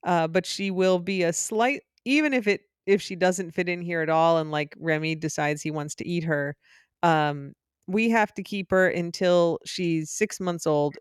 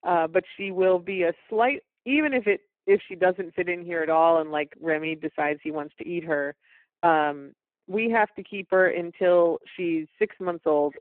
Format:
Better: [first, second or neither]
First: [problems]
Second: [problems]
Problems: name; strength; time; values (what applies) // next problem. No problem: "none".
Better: first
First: none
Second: phone-call audio; poor line